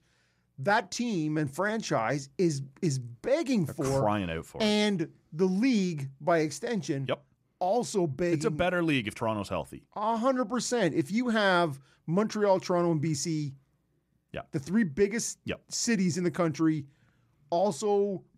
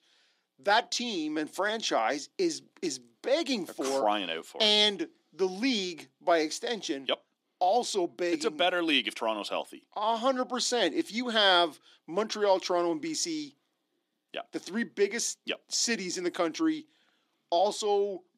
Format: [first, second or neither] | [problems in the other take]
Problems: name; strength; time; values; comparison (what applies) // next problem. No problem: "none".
first | thin; somewhat; fading below 250 Hz